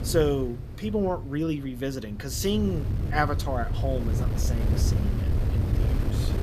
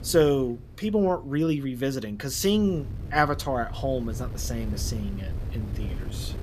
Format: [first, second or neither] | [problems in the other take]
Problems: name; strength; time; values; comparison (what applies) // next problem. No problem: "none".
second | wind noise on the microphone; heavy; 9 dB below the speech; occasional gusts in the second